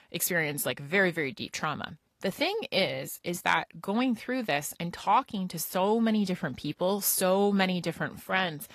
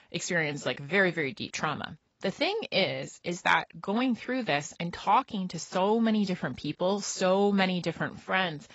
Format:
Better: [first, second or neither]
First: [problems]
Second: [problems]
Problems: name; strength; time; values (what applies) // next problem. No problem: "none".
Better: first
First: garbled, watery; slightly; nothing above 14.5 kHz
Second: garbled, watery; badly; nothing above 7.5 kHz